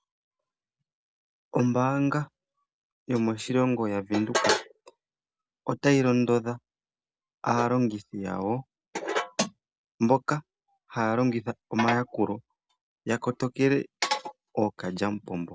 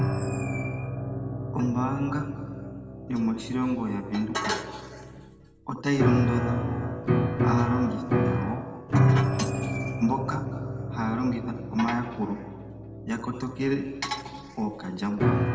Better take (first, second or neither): first